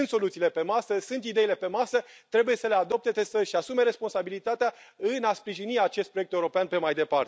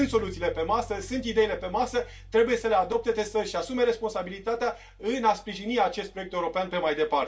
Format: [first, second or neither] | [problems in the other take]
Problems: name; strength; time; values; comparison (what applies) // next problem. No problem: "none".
first | background sound (Bass guitar); 19 dB below the speech // room echo; dies away in 0.2 s